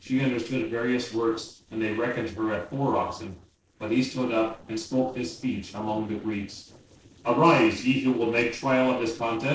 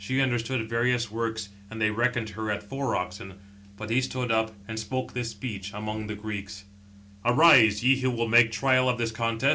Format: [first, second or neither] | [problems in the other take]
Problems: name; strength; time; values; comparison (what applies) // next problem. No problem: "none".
second | noise reduction (neural separator model SepFormer DNS4)